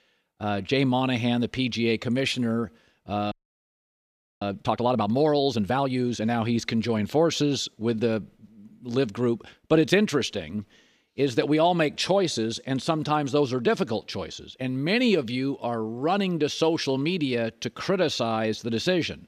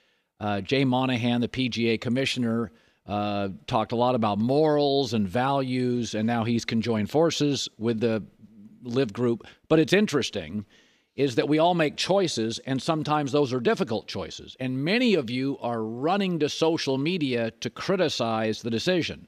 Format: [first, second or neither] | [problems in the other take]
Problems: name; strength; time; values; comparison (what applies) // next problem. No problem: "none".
second | audio freezing; at 3.5 s for 1 s